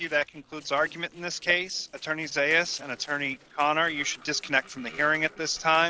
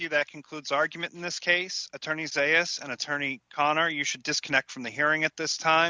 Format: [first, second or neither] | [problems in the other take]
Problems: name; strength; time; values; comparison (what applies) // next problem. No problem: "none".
second | noise reduction (neural separator model SepFormer DNS4)